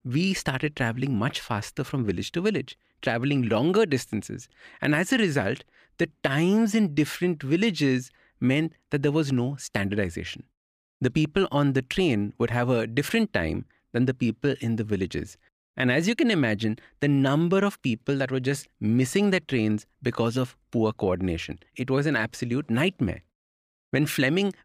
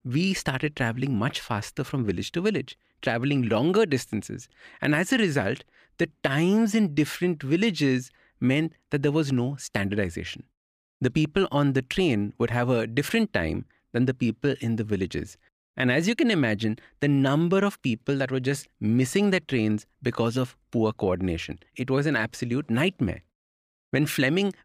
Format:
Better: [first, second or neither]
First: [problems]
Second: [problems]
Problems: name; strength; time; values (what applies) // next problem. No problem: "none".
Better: neither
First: none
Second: none